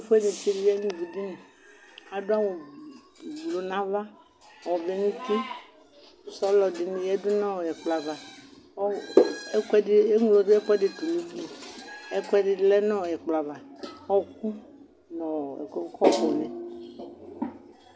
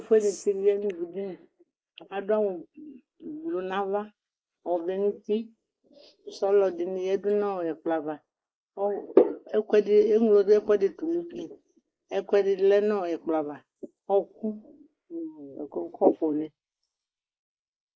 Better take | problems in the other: first | noise reduction (neural mask model Resemble Enhance denoiser)

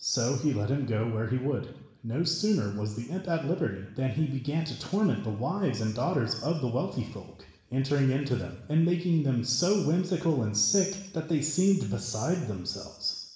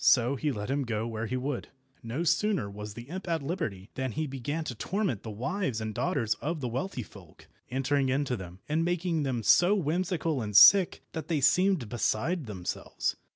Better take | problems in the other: second | room echo; dies away in 0.9 s

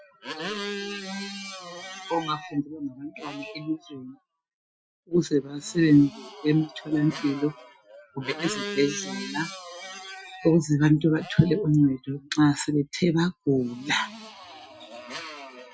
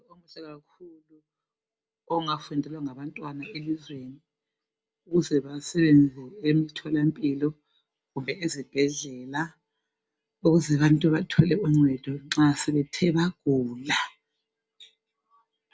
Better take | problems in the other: second | noise reduction (classical method Wiener filter)

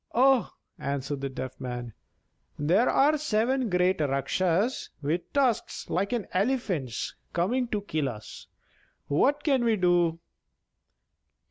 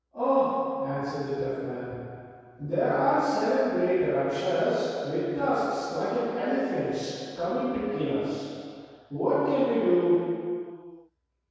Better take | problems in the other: first | room echo; dies away in 2.2 s

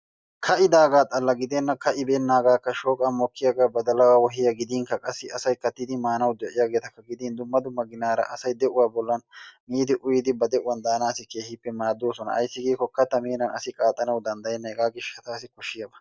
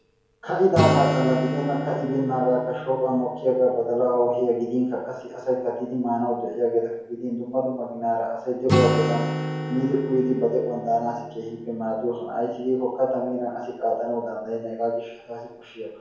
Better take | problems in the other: first | background sound (Acoustic guitar); 6 dB below the speech // room echo; dies away in 0.9 s

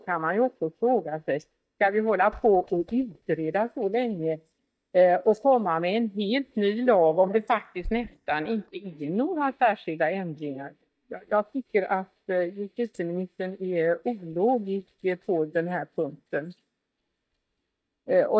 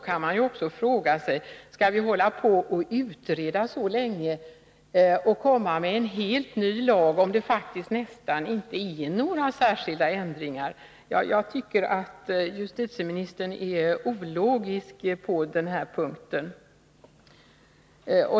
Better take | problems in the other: second | noise reduction (neural mask model DeepFilterNet 3)

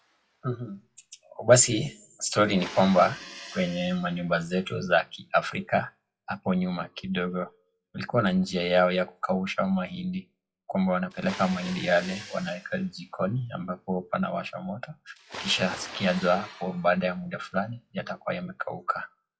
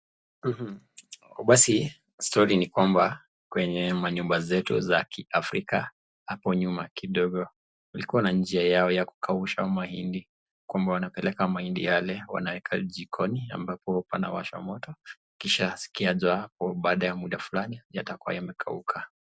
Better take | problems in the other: second | noise reduction (classical method WPE with log-MMSE)

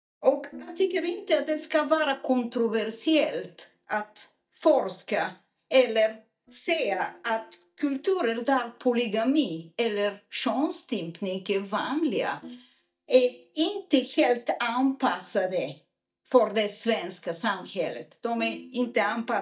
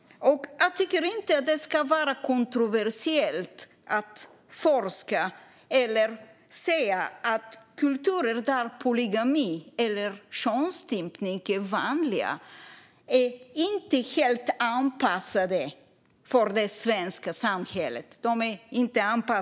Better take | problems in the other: second | noise reduction (neural mask model DeepFilterNet 3)

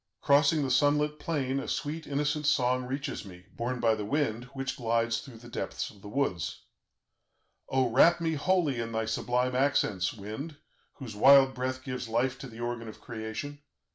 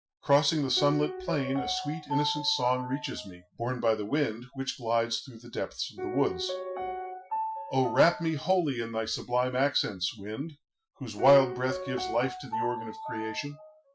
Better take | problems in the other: first | noise reduction (classical method Wiener filter)

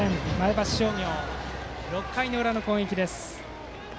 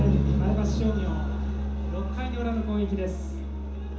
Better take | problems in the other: first | background sound (Bass guitar); 4 dB above the speech // room echo; dies away in 0.6 s

